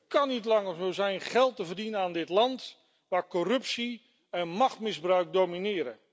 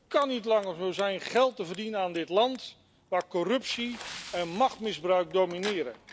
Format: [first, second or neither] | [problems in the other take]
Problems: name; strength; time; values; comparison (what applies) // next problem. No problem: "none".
first | background sound (Water / Splash, splatter + Scissors); 19 dB below the speech